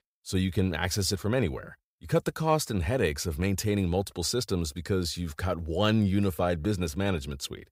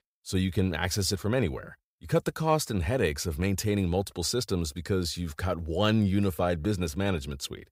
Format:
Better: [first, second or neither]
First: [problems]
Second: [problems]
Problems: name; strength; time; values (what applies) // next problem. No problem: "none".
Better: neither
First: none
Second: none